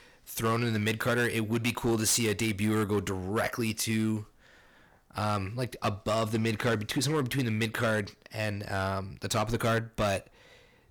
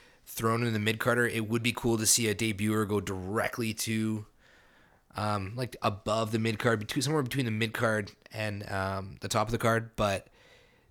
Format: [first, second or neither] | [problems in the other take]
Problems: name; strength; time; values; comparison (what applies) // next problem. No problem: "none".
second | distortion; slight; 7% of the sound clipped